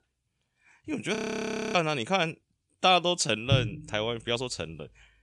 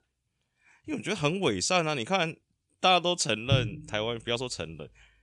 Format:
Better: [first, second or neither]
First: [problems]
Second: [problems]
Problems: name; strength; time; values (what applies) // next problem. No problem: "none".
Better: second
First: audio freezing; at 1 s for 0.5 s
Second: none